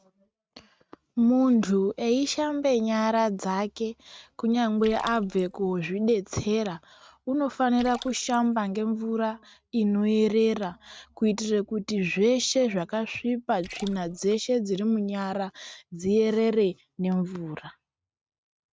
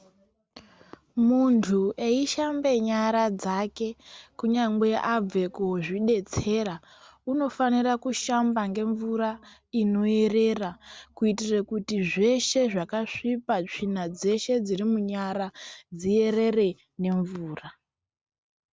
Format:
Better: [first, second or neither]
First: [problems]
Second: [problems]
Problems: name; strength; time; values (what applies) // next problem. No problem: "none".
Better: second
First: noise reduction (neural mask model RNNoise)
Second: none